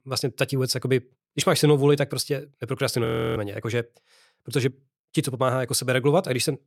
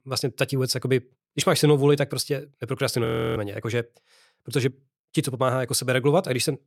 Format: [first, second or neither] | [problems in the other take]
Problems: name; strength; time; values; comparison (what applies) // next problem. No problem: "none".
neither | audio freezing; at 3 s; the same in both